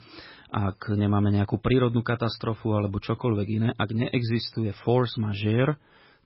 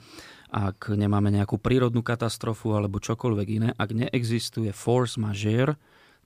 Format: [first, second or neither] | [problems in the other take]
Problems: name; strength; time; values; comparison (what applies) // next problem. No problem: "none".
second | garbled, watery; badly; nothing above 5.5 kHz